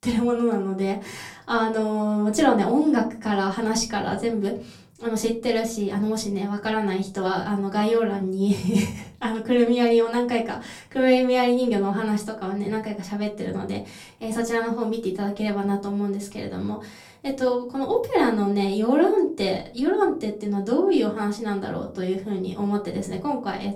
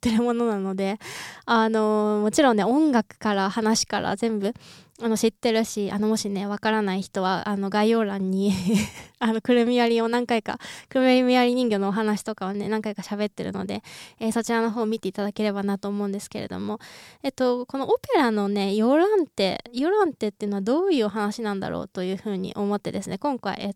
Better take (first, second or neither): second